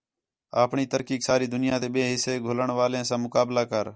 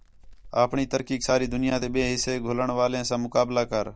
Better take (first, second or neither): first